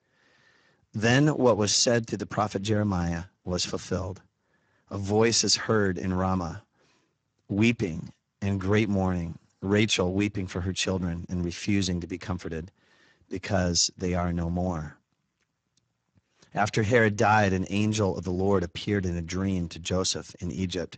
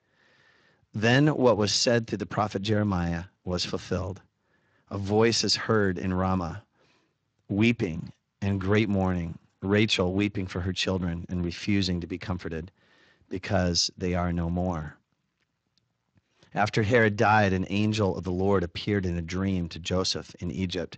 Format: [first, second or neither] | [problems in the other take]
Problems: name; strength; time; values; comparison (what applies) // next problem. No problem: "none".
second | garbled, watery; badly; nothing above 7.5 kHz; slightly in the second